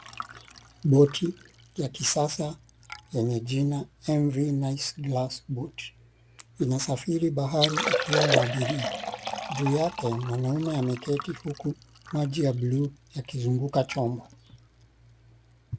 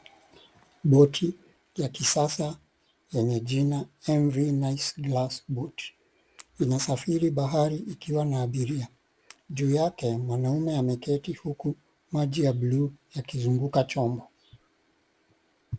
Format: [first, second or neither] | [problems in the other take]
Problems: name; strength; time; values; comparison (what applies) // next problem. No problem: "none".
second | background sound (Liquid); 7 dB below the speech